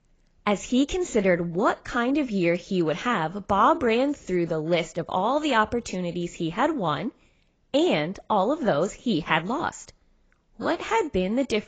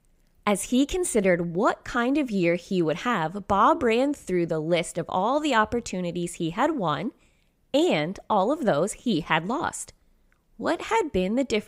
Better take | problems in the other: second | garbled, watery; badly; nothing above 7.5 kHz

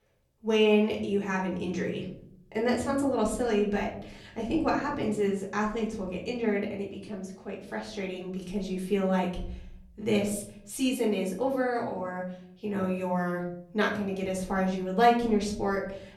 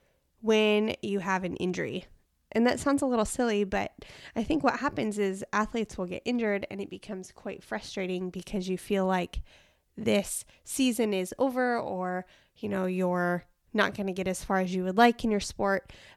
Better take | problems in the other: second | off-mic speech; far // room echo; slight; dies away in 0.7 s

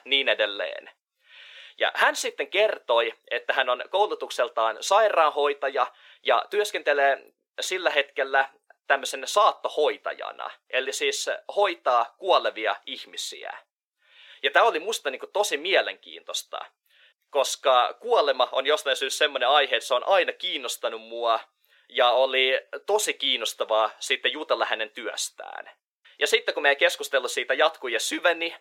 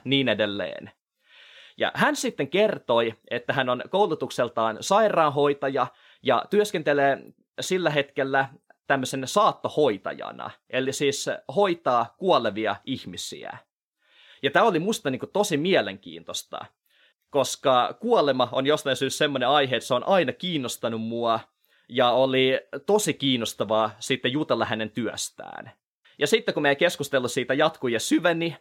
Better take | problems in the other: second | thin; very; fading below 450 Hz

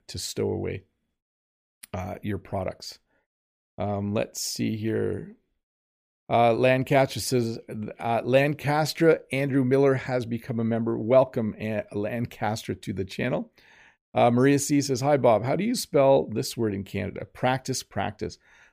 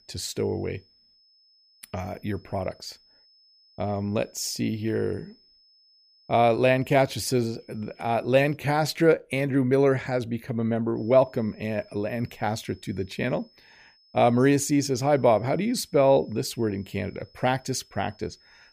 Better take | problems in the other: first | high-pitched whine; faint; until 8.5 s and from 11 s on; 5 kHz, 30 dB below the speech

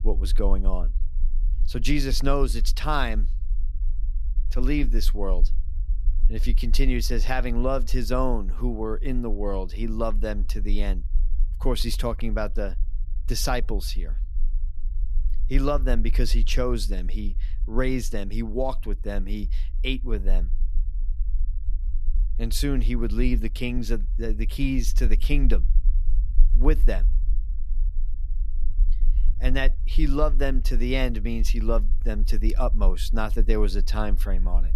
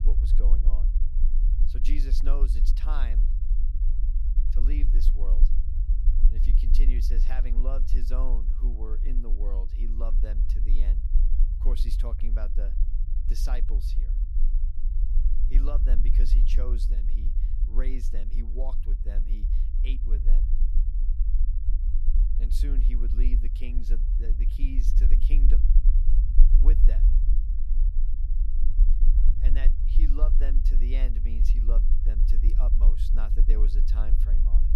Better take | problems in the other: first | low rumble; loud; throughout; 5 dB below the speech; faint in the first

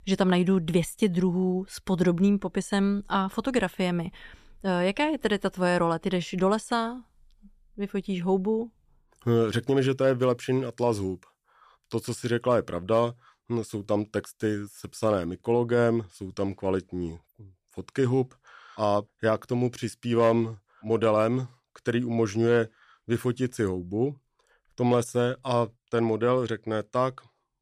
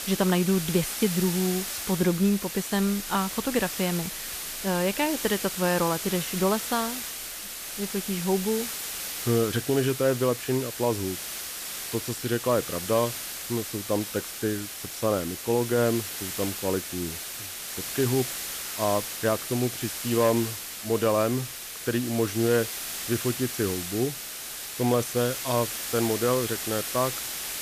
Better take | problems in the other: first | hiss; loud; throughout; 5 dB below the speech

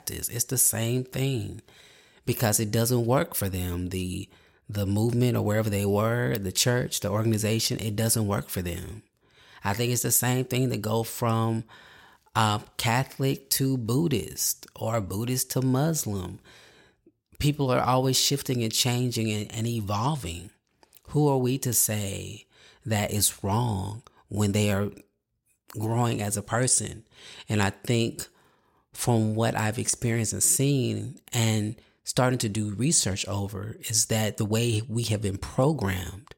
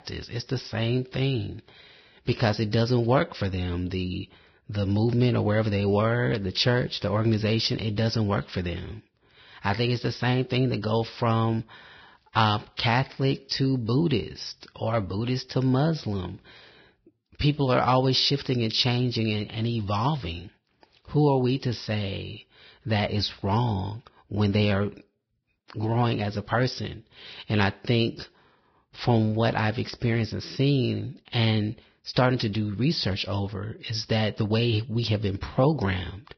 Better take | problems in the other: first | garbled, watery; badly; nothing above 5.5 kHz

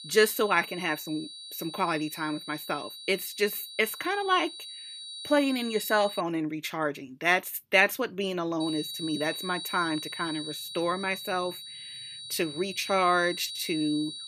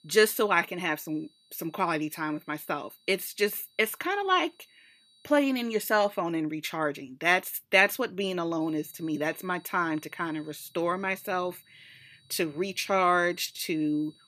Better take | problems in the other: second | high-pitched whine; loud; until 6 s and from 8.5 s on; 4 kHz, 9 dB below the speech; faint in the second

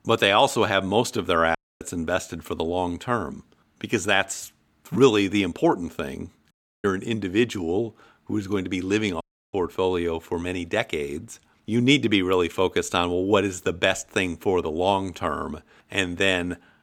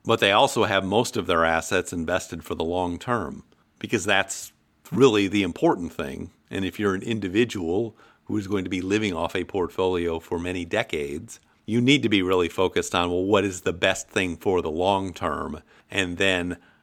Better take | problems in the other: second | audio cutting out; at 1.5 s, at 6.5 s and at 9 s

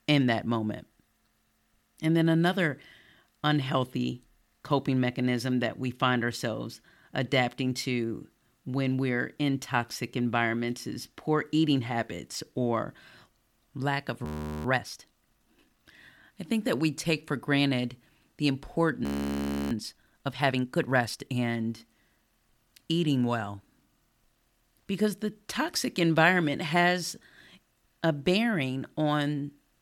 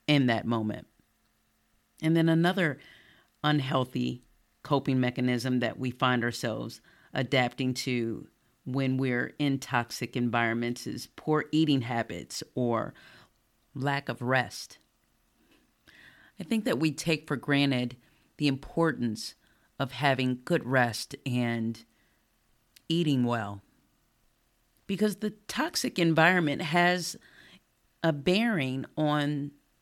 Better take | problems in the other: second | audio freezing; at 14 s and at 19 s for 0.5 s

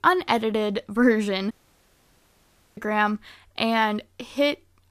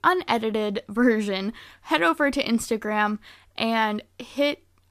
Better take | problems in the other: second | audio cutting out; at 1.5 s for 1.5 s

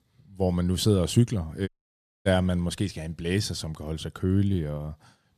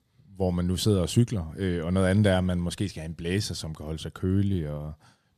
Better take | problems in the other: second | audio cutting out; at 1.5 s for 0.5 s

